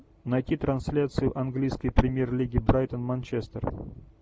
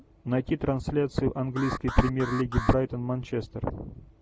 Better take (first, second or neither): first